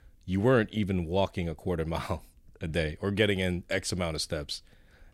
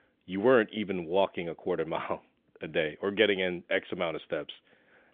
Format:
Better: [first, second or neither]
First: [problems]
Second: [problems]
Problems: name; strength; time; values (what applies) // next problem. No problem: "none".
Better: first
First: none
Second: phone-call audio; nothing above 3.5 kHz